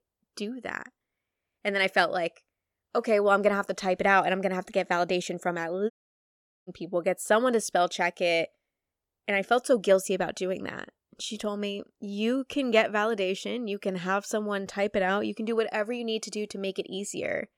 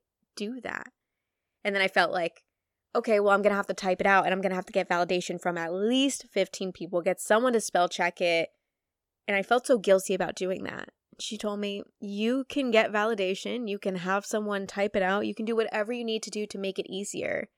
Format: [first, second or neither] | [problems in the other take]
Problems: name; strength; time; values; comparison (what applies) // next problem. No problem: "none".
second | audio cutting out; at 6 s for 1 s